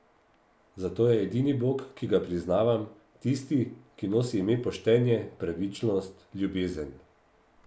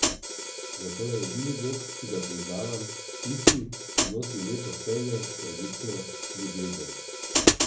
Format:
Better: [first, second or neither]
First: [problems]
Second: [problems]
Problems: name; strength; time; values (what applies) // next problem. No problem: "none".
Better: first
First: none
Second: background sound (Hi-hat); 5 dB above the speech // room echo; dies away in 0.4 s